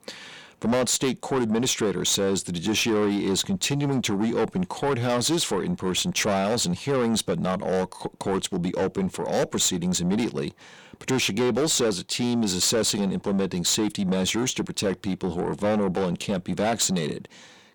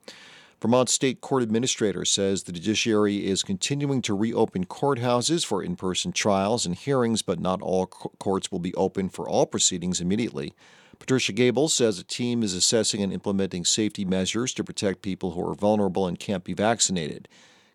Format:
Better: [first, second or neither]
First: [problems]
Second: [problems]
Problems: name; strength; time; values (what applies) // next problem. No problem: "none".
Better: second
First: distortion; heavy; 8 dB below the speech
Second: none